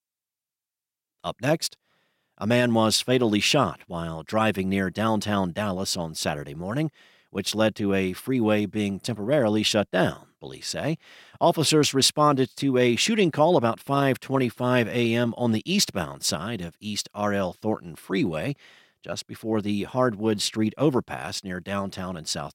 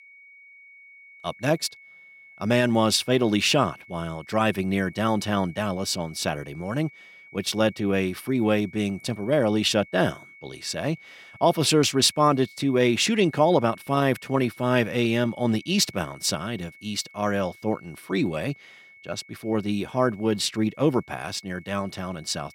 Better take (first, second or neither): first